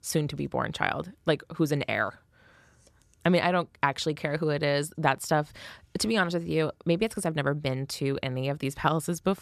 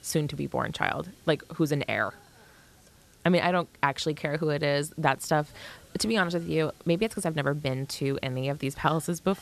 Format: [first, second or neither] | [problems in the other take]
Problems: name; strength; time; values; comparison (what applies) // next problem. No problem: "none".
first | hiss; faint; throughout; 25 dB below the speech